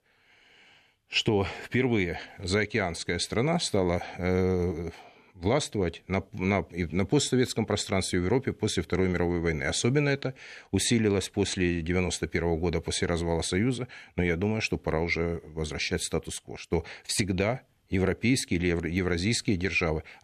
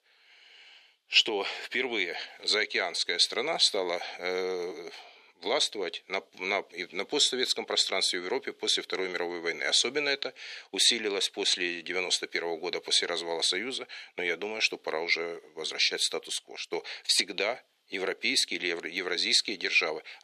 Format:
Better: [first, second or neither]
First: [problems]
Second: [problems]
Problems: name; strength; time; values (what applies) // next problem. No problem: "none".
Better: first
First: none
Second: thin; very; fading below 400 Hz